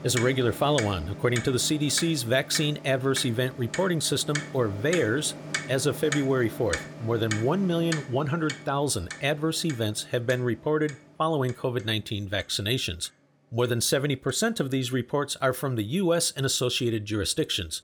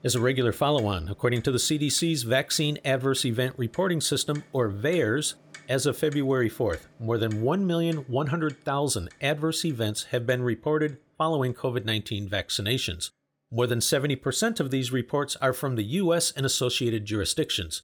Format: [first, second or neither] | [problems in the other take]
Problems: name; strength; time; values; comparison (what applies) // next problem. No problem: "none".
second | household noises; loud; throughout; 10 dB below the speech; faint in the second